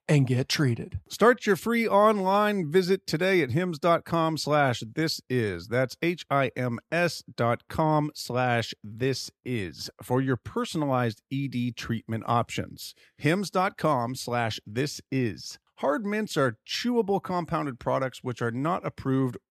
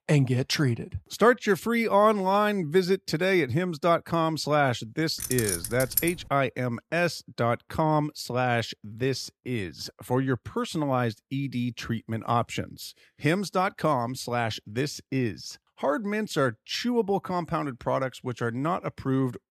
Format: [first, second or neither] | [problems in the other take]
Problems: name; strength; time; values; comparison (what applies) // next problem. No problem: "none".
first | jangling keys; noticeable; at 5 s; peak 1 dB below the speech